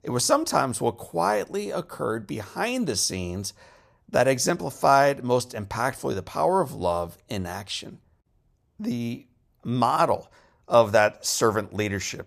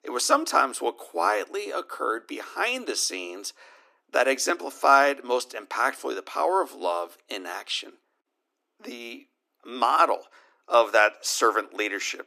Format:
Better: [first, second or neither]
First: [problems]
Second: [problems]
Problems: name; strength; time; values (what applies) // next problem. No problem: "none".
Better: first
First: none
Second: thin; somewhat; fading below 250 Hz